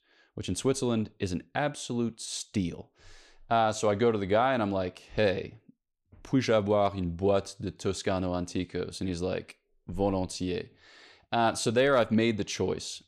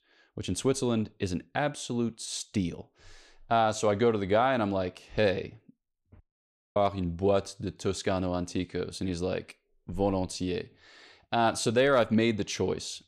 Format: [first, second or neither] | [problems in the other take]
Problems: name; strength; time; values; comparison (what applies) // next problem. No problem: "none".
first | audio cutting out; at 6 s for 0.5 s